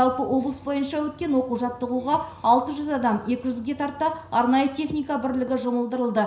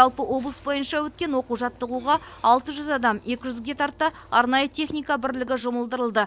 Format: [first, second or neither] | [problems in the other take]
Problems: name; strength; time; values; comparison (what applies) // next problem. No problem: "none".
second | room echo; dies away in 0.5 s